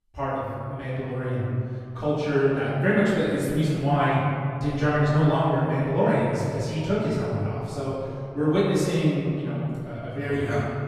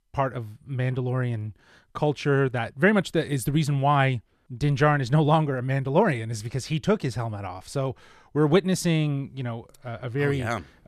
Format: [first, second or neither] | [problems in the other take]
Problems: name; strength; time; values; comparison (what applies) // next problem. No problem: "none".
second | room echo; strong; dies away in 2.3 s // off-mic speech; far